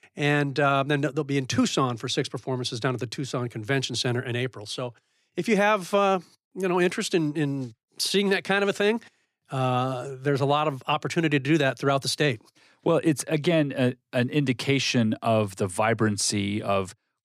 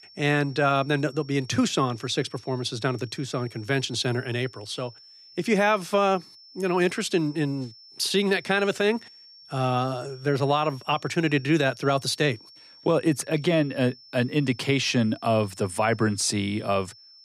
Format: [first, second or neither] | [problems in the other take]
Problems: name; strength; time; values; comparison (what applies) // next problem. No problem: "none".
first | high-pitched whine; faint; throughout; 5.5 kHz, 20 dB below the speech